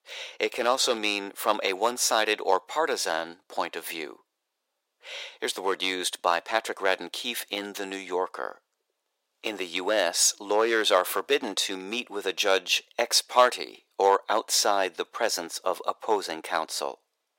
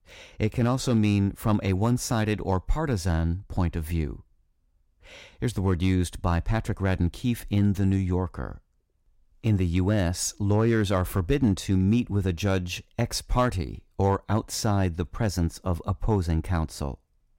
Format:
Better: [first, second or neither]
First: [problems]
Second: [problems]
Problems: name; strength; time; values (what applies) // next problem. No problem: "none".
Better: second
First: thin; very; fading below 450 Hz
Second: none